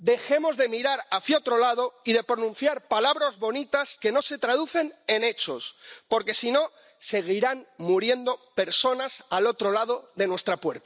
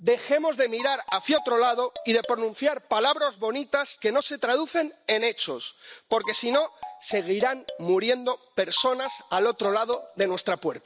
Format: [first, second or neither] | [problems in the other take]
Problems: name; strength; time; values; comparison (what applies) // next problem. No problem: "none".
first | background sound (Marimba, xylophone); 15 dB below the speech